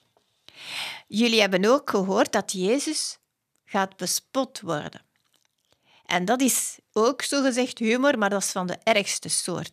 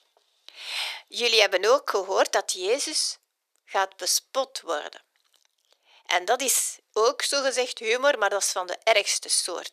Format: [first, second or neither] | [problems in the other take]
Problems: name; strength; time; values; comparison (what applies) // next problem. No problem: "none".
first | thin; very; fading below 400 Hz